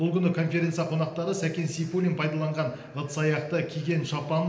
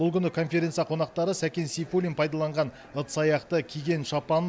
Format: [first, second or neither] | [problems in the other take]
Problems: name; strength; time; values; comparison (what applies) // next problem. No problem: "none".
second | room echo; dies away in 0.9 s